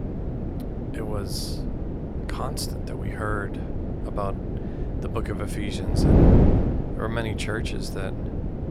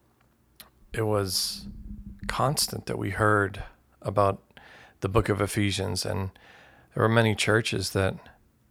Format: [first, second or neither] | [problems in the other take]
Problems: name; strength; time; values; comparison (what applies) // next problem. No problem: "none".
second | wind noise on the microphone; heavy; as loud as the speech